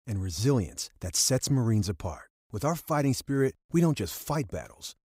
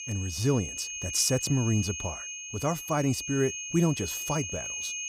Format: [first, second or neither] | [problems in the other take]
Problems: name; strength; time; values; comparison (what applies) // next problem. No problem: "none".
first | high-pitched whine; loud; throughout; 6.5 kHz, 6 dB below the speech